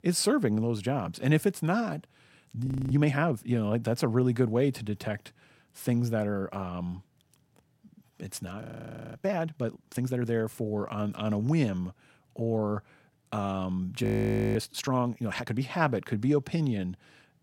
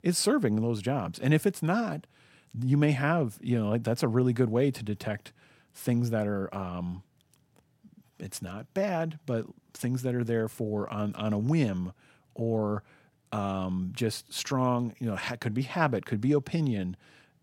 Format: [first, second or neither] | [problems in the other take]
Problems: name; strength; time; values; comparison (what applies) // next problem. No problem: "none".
second | audio freezing; at 2.5 s, at 8.5 s for 0.5 s and at 14 s for 0.5 s